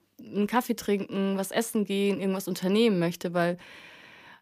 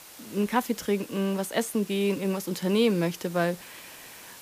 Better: first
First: none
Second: hiss; noticeable; throughout; 20 dB below the speech

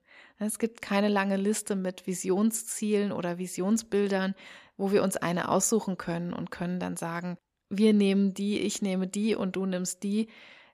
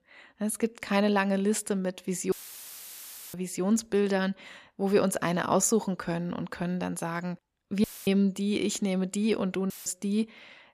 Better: first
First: none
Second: audio cutting out; filled with static; at 2.5 s for 1 s, at 8 s and at 9.5 s

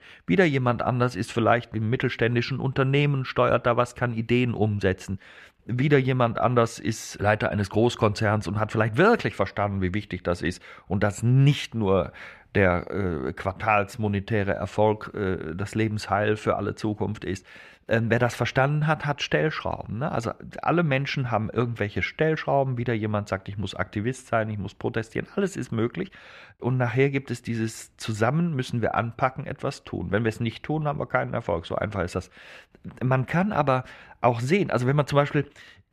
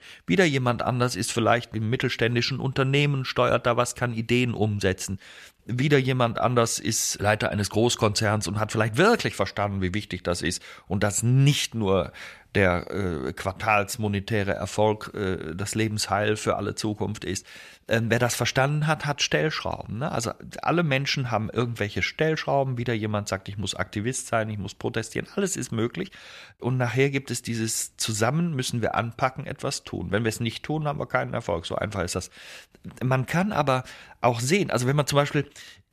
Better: second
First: muffled; slightly; fading above 3.5 kHz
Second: none

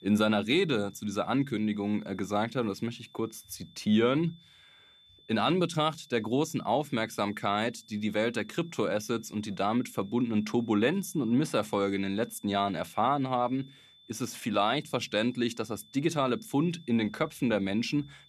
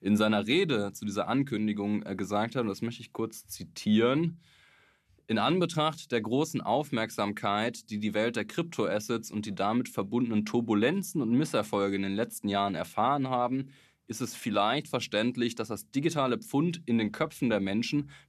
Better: second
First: high-pitched whine; faint; throughout; 3.5 kHz, 25 dB below the speech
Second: none

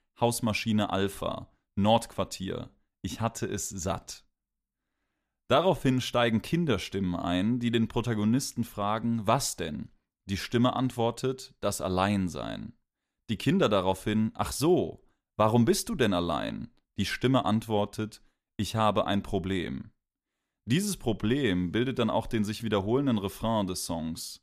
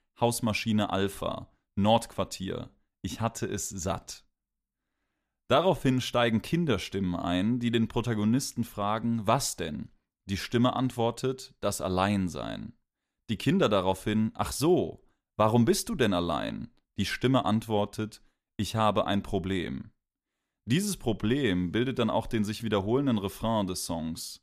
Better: neither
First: none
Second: none

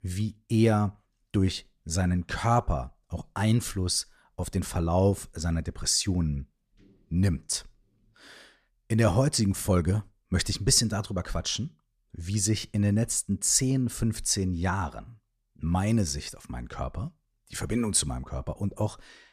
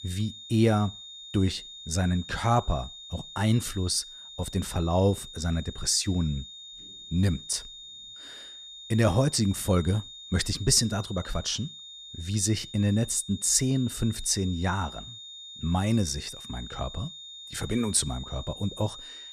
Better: first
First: none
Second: high-pitched whine; noticeable; throughout; 3.5 kHz, 15 dB below the speech

